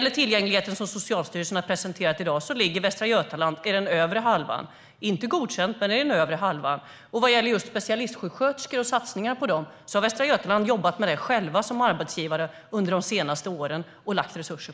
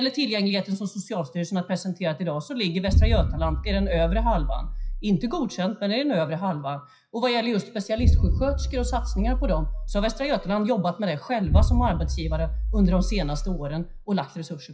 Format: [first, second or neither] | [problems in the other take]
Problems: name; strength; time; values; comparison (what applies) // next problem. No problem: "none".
first | noise reduction (classical method WPE with log-MMSE)